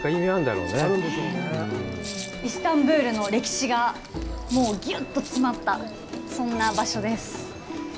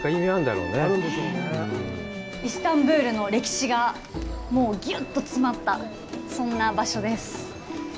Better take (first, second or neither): second